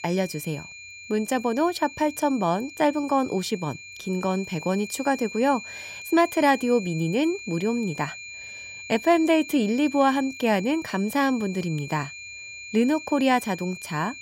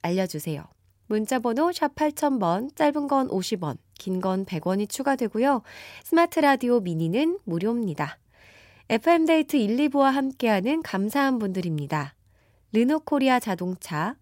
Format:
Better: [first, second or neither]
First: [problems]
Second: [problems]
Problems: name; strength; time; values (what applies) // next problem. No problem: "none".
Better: second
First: high-pitched whine; noticeable; throughout; 2.5 kHz, 15 dB below the speech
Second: none